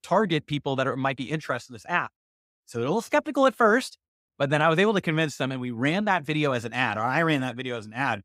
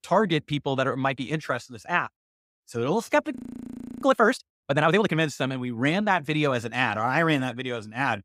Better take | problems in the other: first | audio freezing; at 3.5 s for 0.5 s

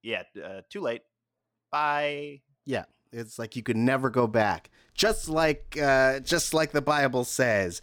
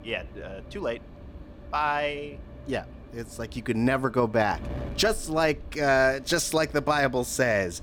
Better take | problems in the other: first | wind noise on the microphone; occasional gusts; 25 dB below the speech

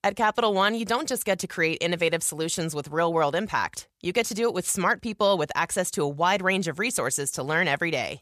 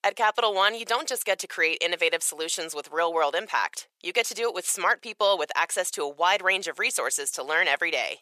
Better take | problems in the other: first | thin; very; fading below 450 Hz

